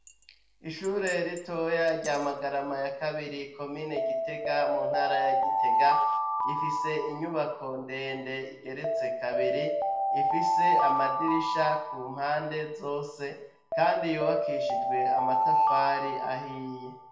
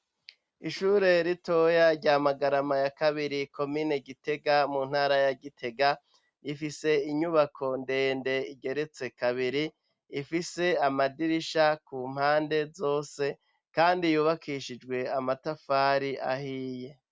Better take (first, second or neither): second